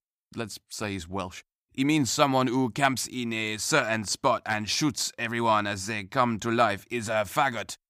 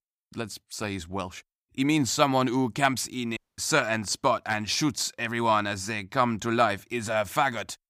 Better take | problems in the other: first | audio cutting out; at 3.5 s

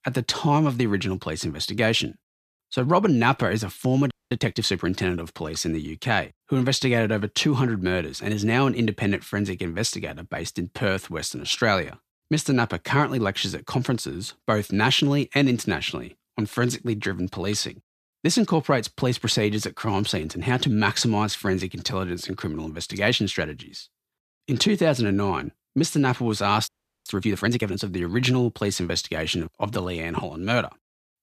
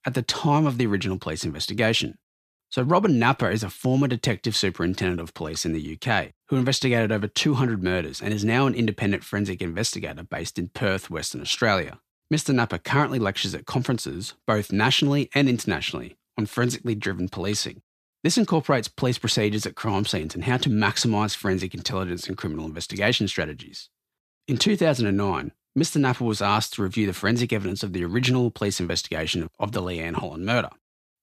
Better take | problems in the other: second | audio freezing; at 4 s and at 27 s

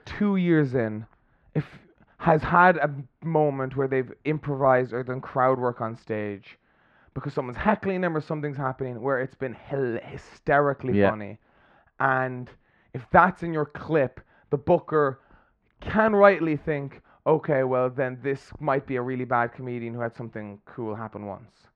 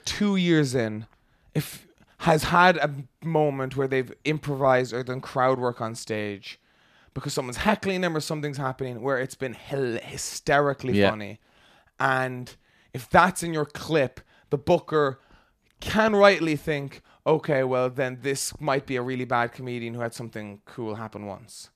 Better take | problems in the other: second | muffled; very; fading above 1.5 kHz

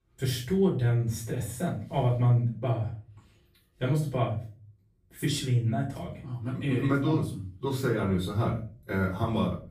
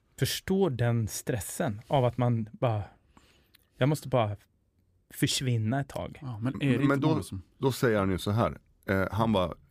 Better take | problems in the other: second | off-mic speech; far // room echo; noticeable; dies away in 0.4 s

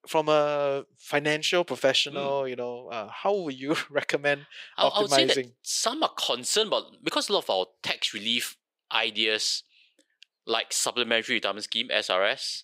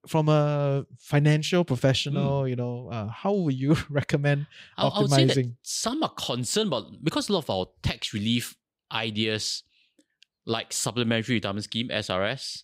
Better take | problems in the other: second | thin; very; fading below 500 Hz

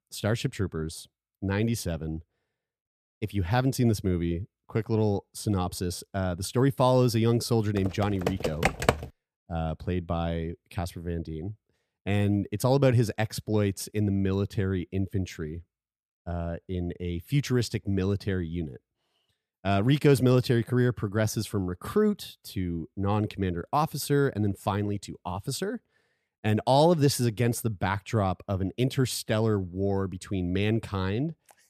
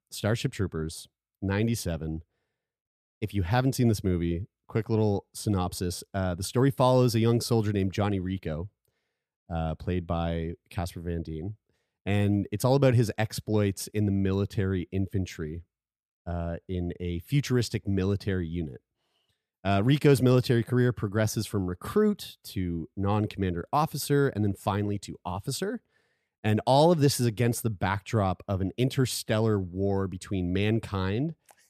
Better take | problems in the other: second | keyboard typing; loud; from 8 to 9 s; peak 2 dB above the speech

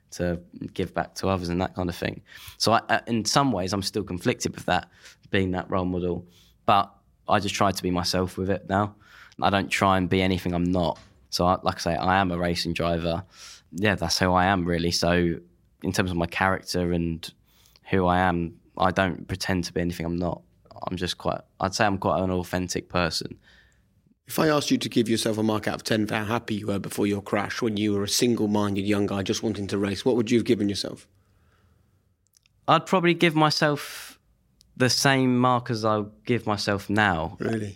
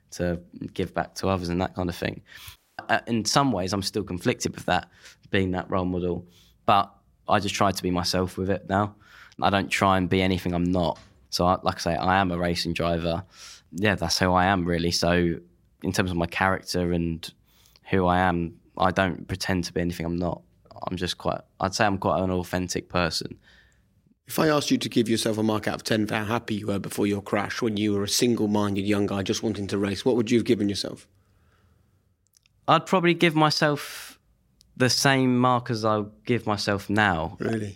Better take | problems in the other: first | audio cutting out; at 2.5 s

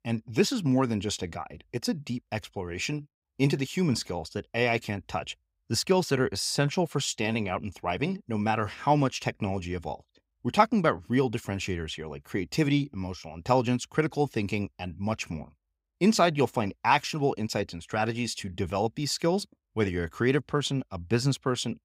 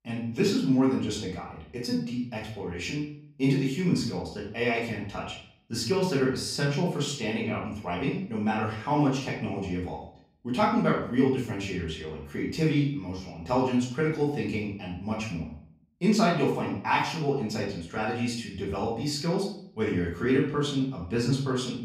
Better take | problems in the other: first | room echo; noticeable; dies away in 0.5 s // off-mic speech; far

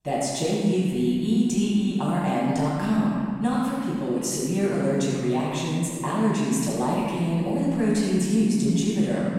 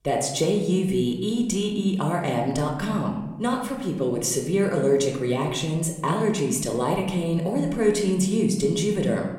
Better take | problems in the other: second | room echo; strong; dies away in 2.5 s; slight in the second // off-mic speech; far; somewhat distant in the second

